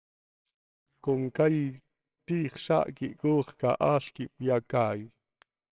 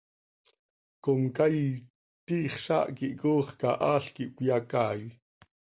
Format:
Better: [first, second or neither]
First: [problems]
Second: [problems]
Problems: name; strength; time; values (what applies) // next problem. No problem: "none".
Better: second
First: noise reduction (neural separator model SepFormer WHAMR!)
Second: none